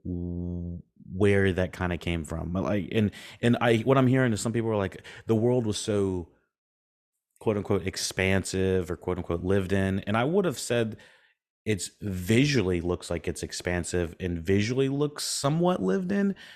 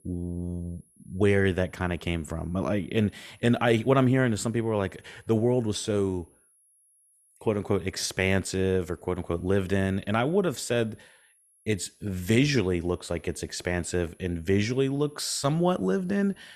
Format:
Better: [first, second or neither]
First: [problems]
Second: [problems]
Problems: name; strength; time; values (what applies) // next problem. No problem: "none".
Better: first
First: none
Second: high-pitched whine; faint; throughout; 10.5 kHz, 35 dB below the speech